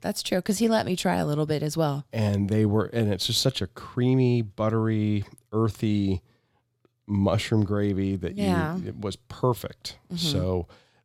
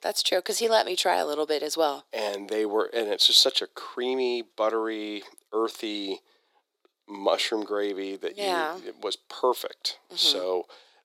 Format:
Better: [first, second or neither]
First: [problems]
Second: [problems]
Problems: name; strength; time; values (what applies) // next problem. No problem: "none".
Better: first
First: none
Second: thin; very; fading below 350 Hz